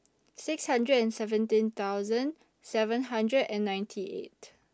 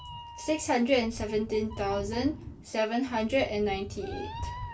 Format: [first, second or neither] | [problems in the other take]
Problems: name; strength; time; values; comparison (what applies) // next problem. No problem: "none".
first | background sound (Meow); 11 dB below the speech // room echo; dies away in 0.2 s